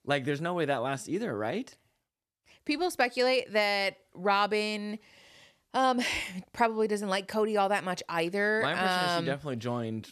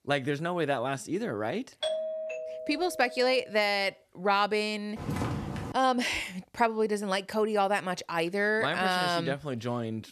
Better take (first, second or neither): first